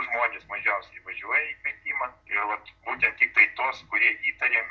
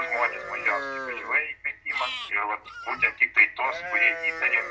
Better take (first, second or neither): first